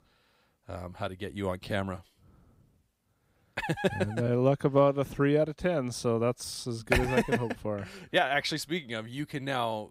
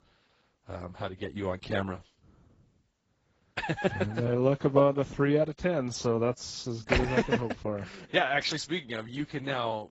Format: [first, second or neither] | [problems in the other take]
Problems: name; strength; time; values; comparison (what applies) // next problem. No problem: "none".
first | garbled, watery; badly; nothing above 8 kHz